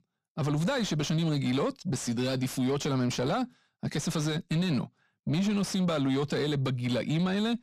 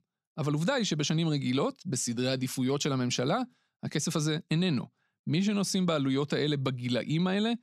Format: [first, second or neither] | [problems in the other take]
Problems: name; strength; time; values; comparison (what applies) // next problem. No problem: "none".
second | distortion; slight; 10 dB below the speech